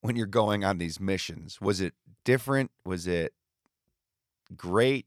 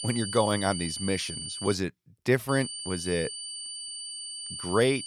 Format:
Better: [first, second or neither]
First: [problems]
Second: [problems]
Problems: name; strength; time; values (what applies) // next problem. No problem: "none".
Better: first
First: none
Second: high-pitched whine; loud; until 1.5 s and from 2.5 s on; 9 kHz, 6 dB below the speech